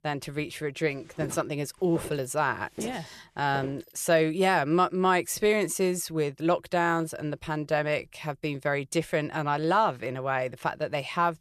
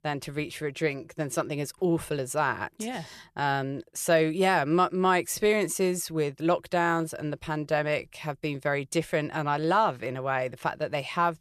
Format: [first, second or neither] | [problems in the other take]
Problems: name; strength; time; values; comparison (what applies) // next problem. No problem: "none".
second | footsteps; faint; from 1 to 3.5 s; peak 10 dB below the speech